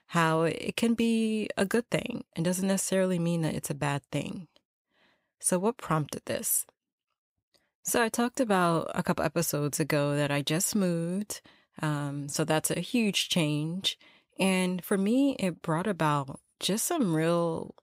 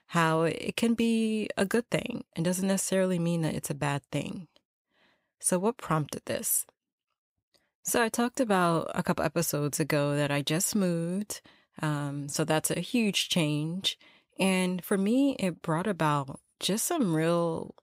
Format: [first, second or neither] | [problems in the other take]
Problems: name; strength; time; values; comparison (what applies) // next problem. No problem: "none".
neither | none